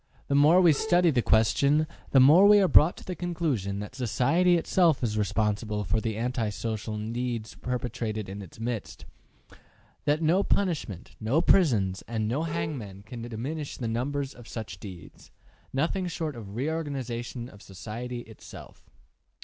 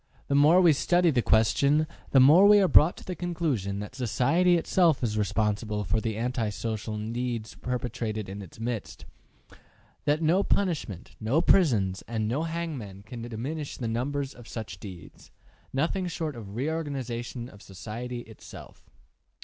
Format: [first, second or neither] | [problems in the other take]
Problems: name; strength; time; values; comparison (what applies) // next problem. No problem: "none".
second | background sound (Bowed string instrument); 15 dB below the speech